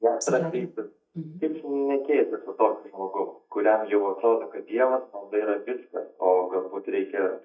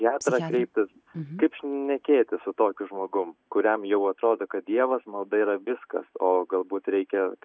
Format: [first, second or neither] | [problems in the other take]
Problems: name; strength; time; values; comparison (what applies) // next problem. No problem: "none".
second | noise reduction (neural mask model DeepFilterNet 3)